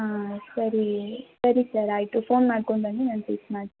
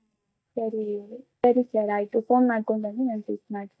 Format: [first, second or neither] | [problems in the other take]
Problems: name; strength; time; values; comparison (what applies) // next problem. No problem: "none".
first | noise reduction (neural mask model DeepFilterNet 3)